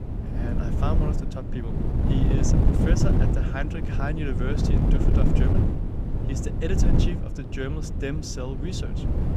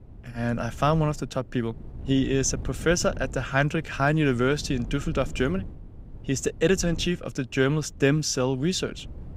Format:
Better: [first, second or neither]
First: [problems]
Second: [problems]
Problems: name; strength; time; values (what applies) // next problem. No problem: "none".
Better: second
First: wind noise on the microphone; heavy; 1 dB above the speech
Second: wind noise on the microphone; occasional gusts; 25 dB below the speech